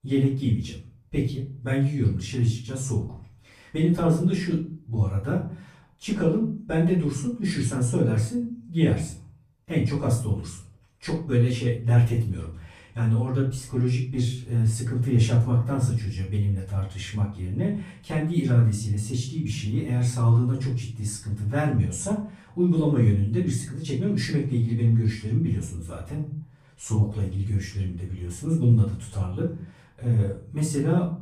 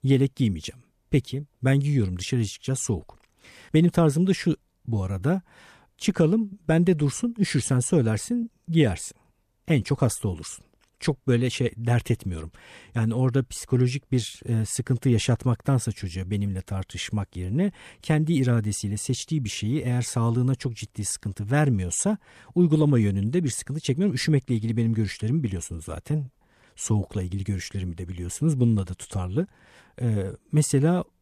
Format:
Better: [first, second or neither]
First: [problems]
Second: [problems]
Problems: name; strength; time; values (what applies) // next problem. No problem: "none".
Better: second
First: off-mic speech; far // room echo; noticeable; dies away in 0.4 s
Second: none